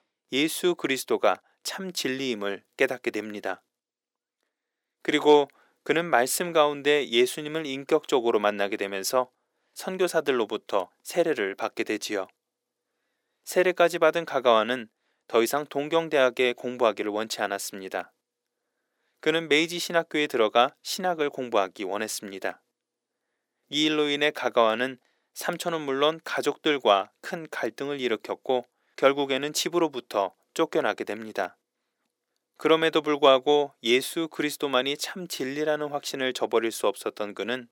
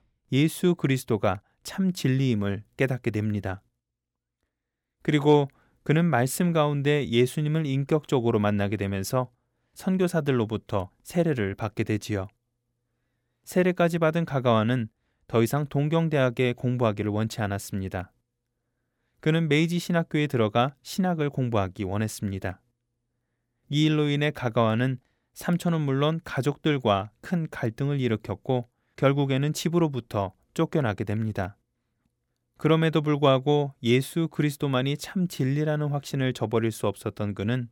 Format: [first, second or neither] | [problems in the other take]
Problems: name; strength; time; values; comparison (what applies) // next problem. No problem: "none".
second | thin; somewhat; fading below 350 Hz